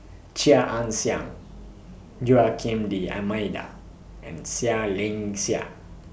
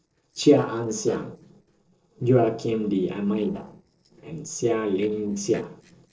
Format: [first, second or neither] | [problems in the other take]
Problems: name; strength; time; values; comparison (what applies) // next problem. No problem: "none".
first | noise reduction (neural separator model SepFormer DNS4)